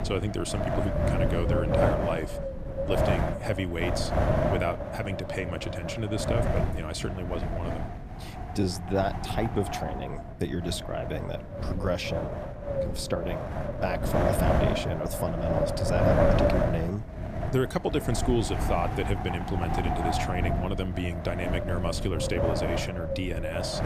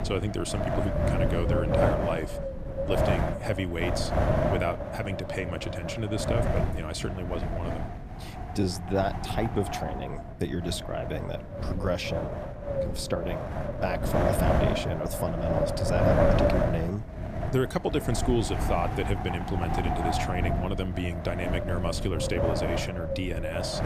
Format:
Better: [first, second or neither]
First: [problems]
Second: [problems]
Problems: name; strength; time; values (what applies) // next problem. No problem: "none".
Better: neither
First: wind noise on the microphone; heavy; 2 dB above the speech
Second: wind noise on the microphone; heavy; 2 dB above the speech